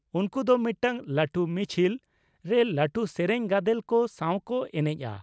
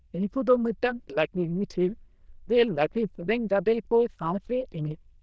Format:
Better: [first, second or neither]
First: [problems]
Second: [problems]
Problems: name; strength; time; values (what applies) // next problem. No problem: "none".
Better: first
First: none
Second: noise reduction (neural diffusion model UNIVERSE++)